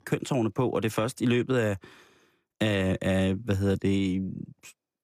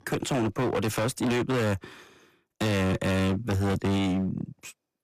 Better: first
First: none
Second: distortion; heavy; 25% of the sound clipped

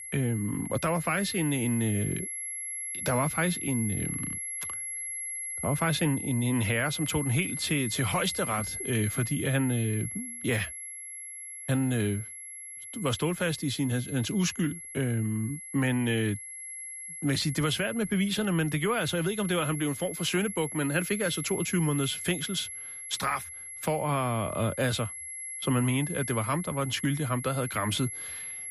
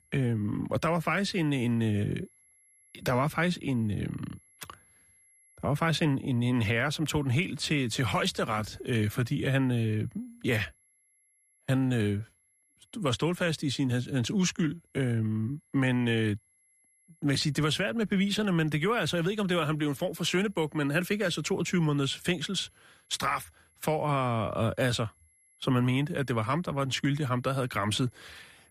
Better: second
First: high-pitched whine; loud; throughout; 11 kHz, 6 dB below the speech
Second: high-pitched whine; faint; throughout; 11 kHz, 35 dB below the speech

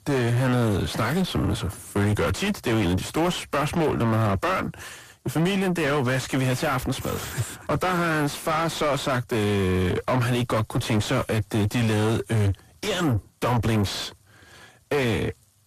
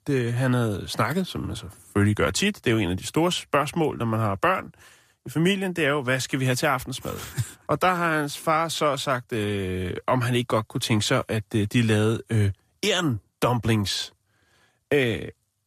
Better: second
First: distortion; heavy; 5 dB below the speech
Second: none

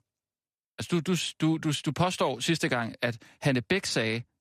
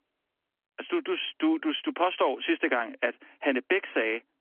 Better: first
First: none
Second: phone-call audio; nothing above 3 kHz

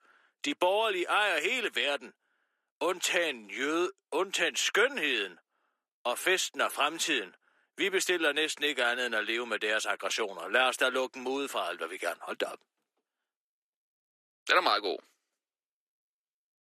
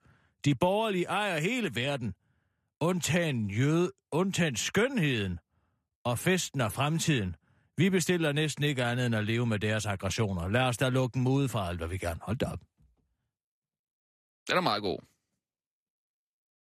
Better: second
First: thin; very; fading below 350 Hz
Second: none

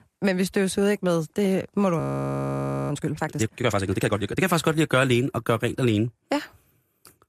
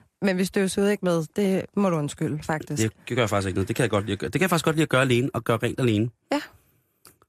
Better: second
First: audio freezing; at 2 s for 1 s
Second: none

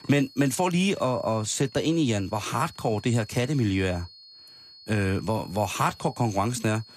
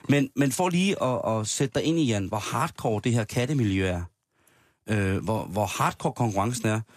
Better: second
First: high-pitched whine; faint; throughout; 4.5 kHz, 20 dB below the speech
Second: none

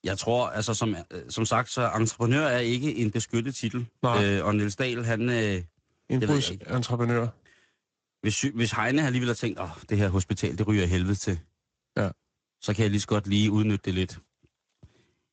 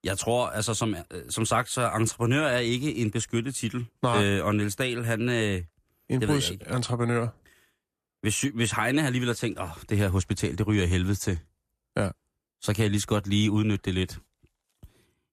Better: second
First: garbled, watery; slightly; nothing above 7.5 kHz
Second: none

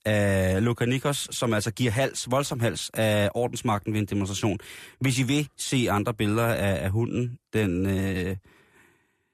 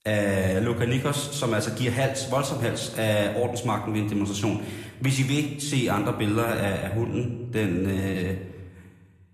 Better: first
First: none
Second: room echo; slight; dies away in 0.9 s

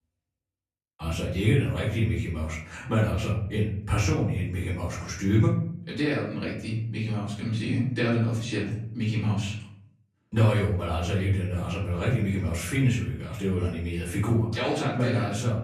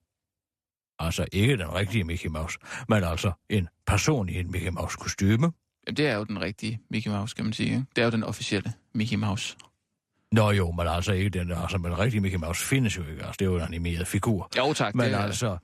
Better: second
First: off-mic speech; far // room echo; noticeable; dies away in 0.7 s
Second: none

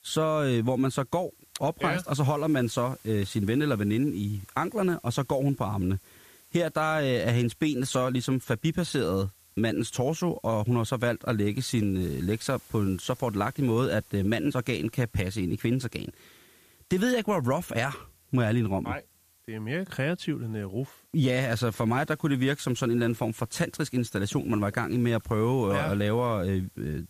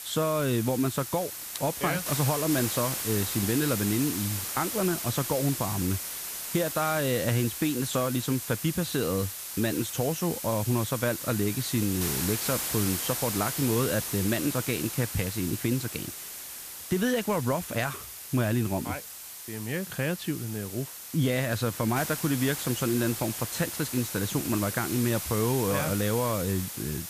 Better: first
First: hiss; faint; throughout; 25 dB below the speech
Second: hiss; loud; throughout; 4 dB below the speech

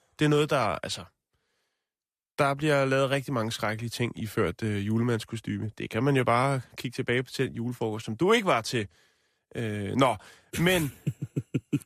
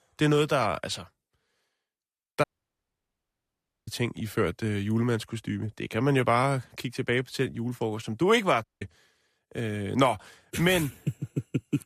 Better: first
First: none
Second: audio cutting out; at 2.5 s for 1.5 s and at 8.5 s

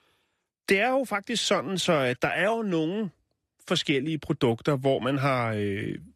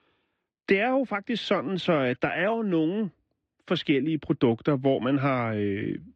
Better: first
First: none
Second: muffled; slightly; fading above 3.5 kHz

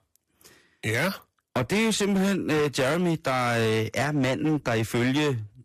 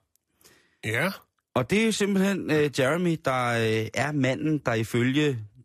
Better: second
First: distortion; slight; 16% of the sound clipped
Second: none

